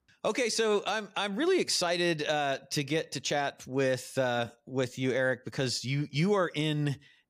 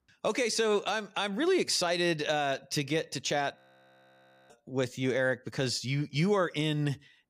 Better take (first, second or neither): first